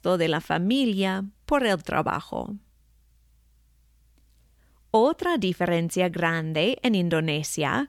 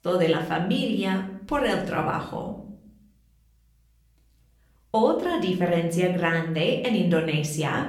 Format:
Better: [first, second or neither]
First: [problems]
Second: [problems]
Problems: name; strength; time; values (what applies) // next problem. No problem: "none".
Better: first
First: none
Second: room echo; slight; dies away in 0.6 s // off-mic speech; somewhat distant